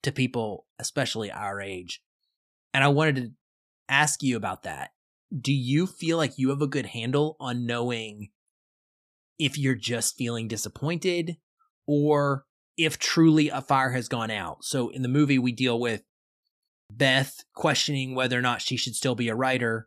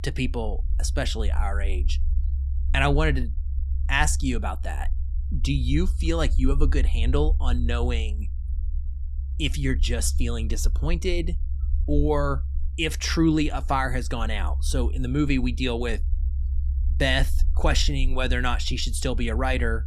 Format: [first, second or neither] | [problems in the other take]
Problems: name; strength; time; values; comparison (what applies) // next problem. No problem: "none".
first | low rumble; faint; throughout; 20 dB below the speech